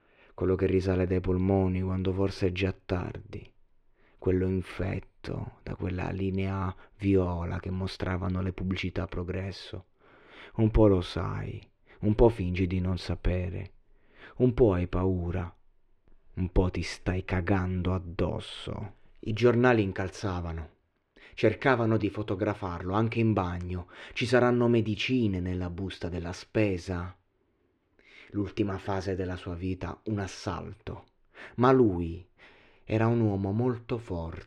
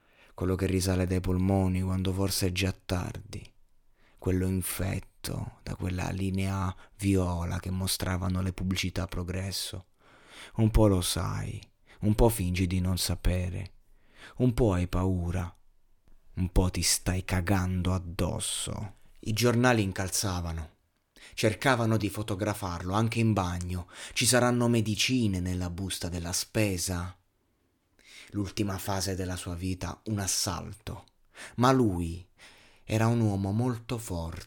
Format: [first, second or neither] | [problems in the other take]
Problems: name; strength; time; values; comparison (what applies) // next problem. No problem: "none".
second | muffled; slightly; fading above 2.5 kHz